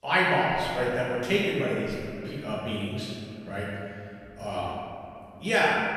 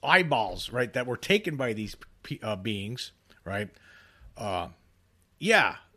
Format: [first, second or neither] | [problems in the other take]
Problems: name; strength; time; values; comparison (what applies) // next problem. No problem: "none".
second | off-mic speech; far // room echo; strong; dies away in 2.5 s